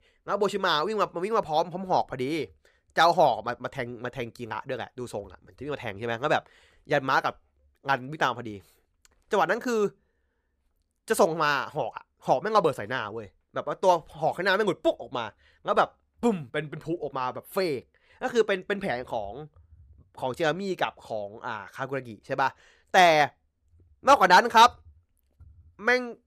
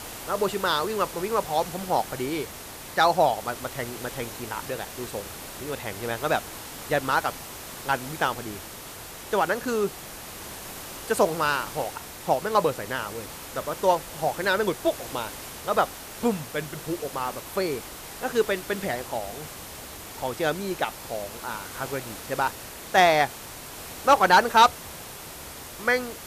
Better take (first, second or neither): first